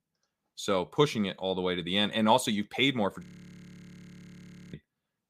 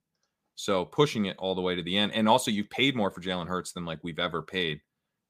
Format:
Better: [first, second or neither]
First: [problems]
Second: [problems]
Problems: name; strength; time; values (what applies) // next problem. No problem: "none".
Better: second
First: audio freezing; at 3 s for 1.5 s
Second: none